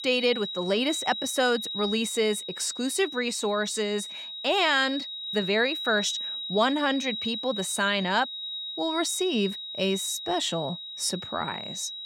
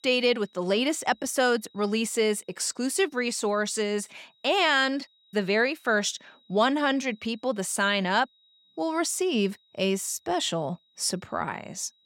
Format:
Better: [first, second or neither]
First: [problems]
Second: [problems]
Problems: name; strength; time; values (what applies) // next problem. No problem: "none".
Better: second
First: high-pitched whine; loud; throughout; 4 kHz, 6 dB below the speech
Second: high-pitched whine; faint; throughout; 4 kHz, 35 dB below the speech